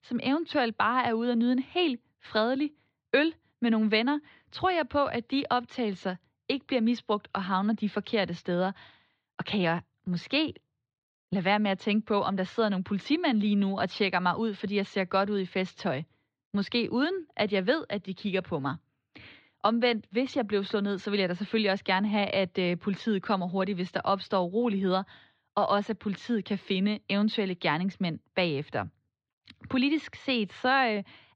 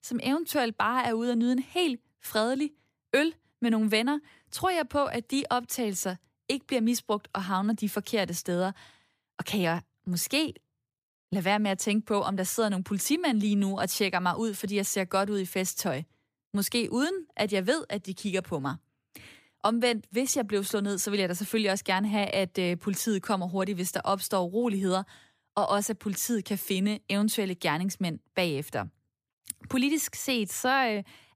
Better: second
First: muffled; very slightly; fading above 4 kHz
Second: none

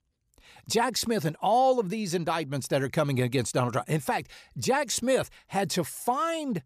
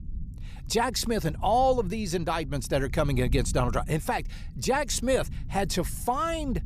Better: first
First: none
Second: low rumble; faint; throughout; 25 dB below the speech

